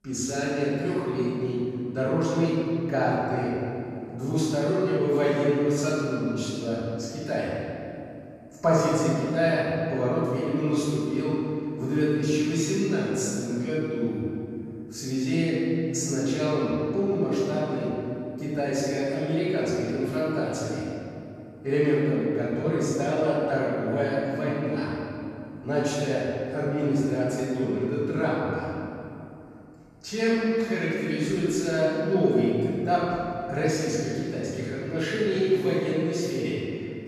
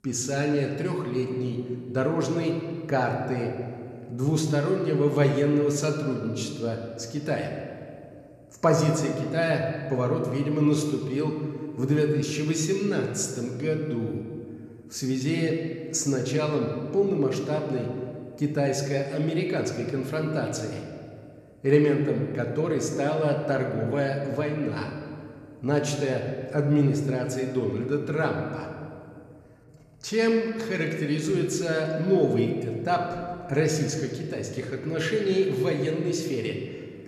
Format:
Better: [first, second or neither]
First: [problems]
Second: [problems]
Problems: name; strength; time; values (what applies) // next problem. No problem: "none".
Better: second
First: room echo; strong; dies away in 2.5 s // off-mic speech; far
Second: room echo; slight; dies away in 1.8 s